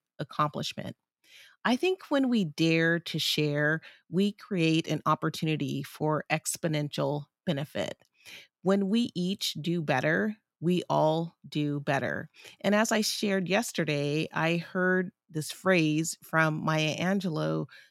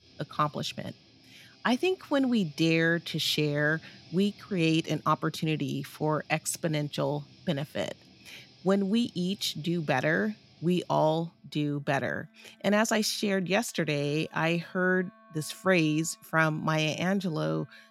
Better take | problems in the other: first | background music; faint; throughout; 25 dB below the speech

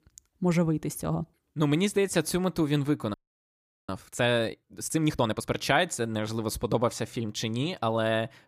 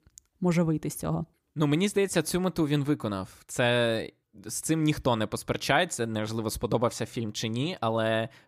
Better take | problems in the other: second | audio freezing; at 3 s for 0.5 s

